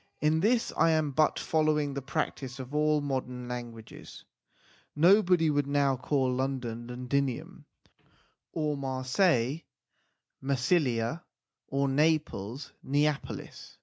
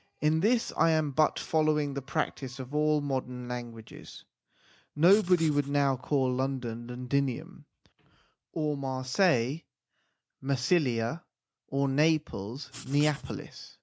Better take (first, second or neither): first